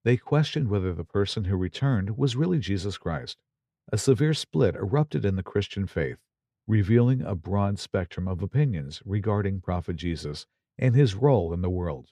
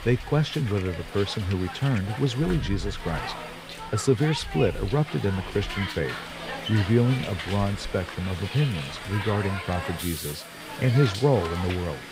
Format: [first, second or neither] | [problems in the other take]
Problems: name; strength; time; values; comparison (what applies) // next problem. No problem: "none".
first | hiss; loud; throughout; 8 dB below the speech